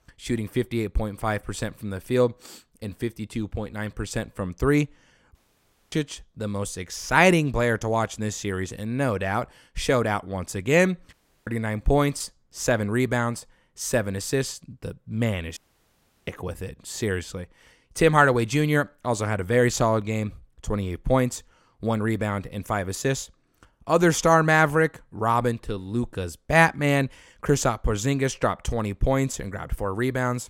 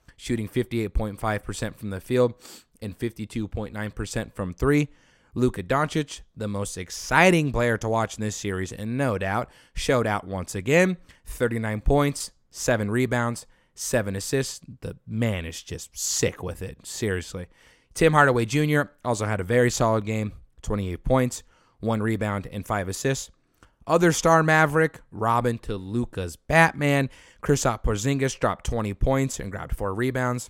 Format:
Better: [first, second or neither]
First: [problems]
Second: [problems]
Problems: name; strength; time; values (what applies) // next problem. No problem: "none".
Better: second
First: audio cutting out; at 5.5 s for 0.5 s, at 11 s and at 16 s for 0.5 s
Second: none